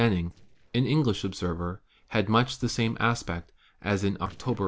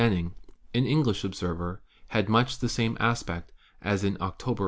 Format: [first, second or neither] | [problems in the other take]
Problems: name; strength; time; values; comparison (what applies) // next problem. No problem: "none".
second | noise reduction (neural separator model SepFormer DNS4)